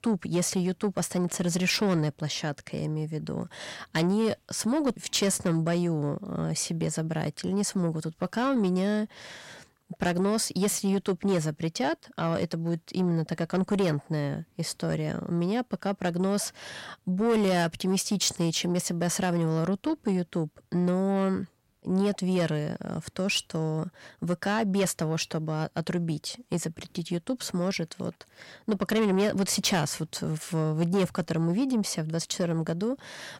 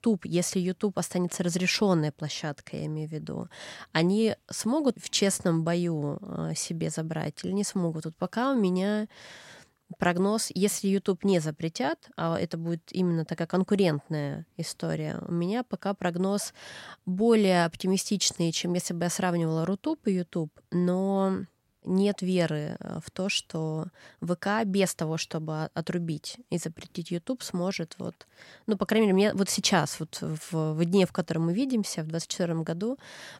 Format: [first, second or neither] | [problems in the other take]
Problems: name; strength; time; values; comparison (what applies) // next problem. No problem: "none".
second | distortion; slight; 10 dB below the speech